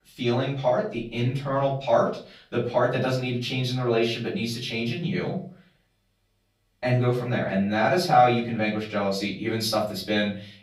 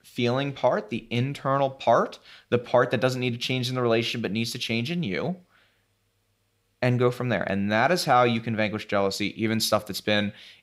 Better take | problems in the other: second | off-mic speech; far // room echo; slight; dies away in 0.4 s

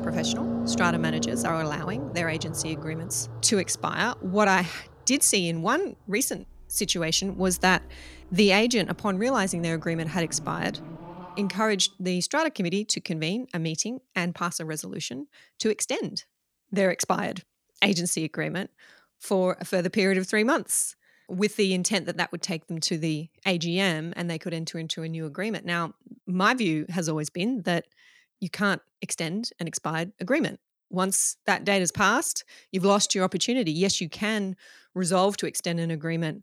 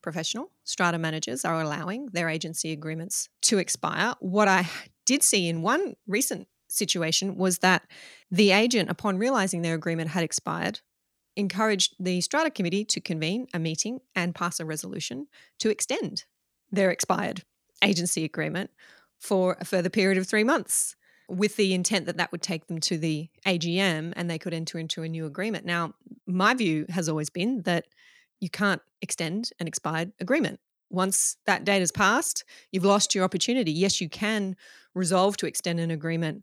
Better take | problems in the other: second | traffic noise; loud; until 11 s; 9 dB below the speech

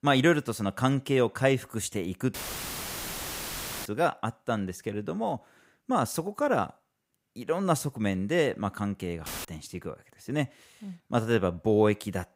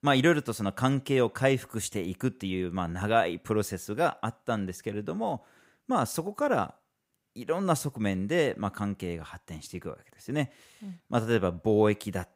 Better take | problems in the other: second | audio cutting out; filled with static; at 2.5 s for 1.5 s and at 9.5 s

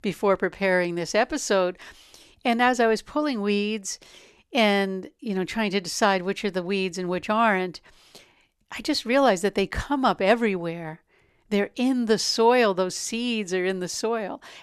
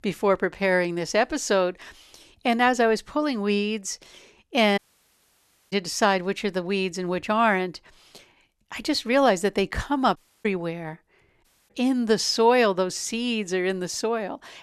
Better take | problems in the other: first | audio cutting out; at 5 s for 1 s, at 10 s and at 11 s

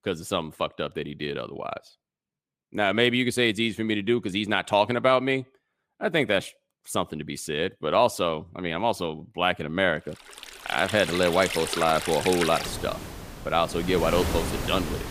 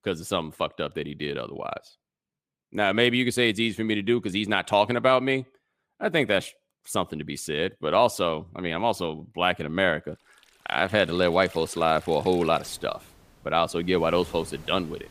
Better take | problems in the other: second | rain or running water; loud; from 11 s on; 6 dB below the speech; faint in the second

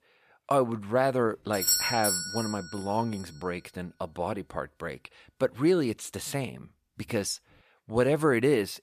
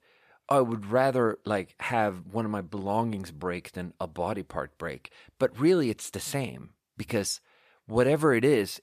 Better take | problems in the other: second | doorbell; loud; at 1.5 s; peak 5 dB above the speech

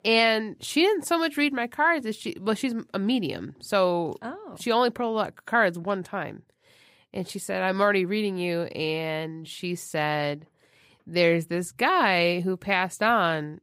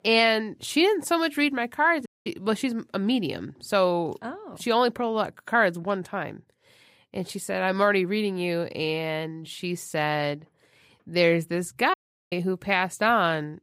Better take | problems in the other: first | audio cutting out; at 2 s and at 12 s

